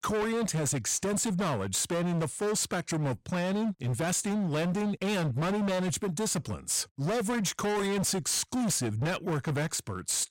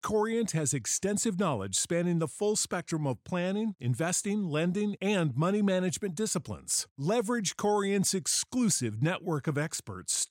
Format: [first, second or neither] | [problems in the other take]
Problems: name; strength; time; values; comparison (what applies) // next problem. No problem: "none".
second | distortion; heavy; 34% of the sound clipped